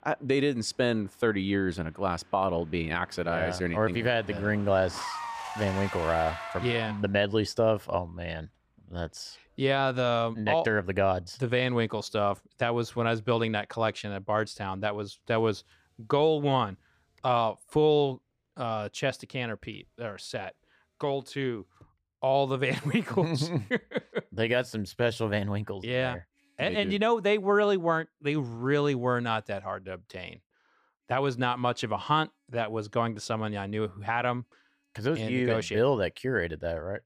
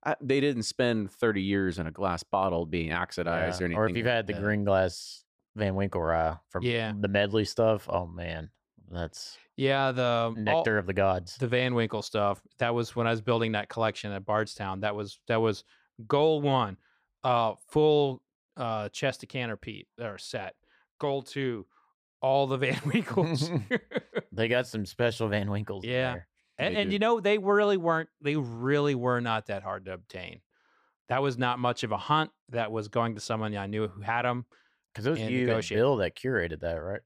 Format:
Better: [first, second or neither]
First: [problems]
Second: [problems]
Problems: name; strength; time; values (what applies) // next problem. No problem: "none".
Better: second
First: traffic noise; noticeable; throughout; 10 dB below the speech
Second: none